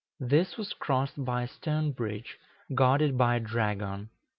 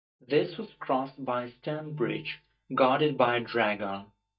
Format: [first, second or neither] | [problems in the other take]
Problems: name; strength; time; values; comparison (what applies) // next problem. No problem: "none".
first | noise reduction (neural mask model DeepFilterNet 3)